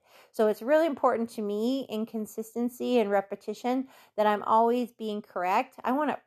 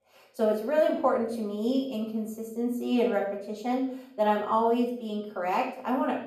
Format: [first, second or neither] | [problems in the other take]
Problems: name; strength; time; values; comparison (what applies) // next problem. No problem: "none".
first | room echo; slight; dies away in 0.6 s // off-mic speech; far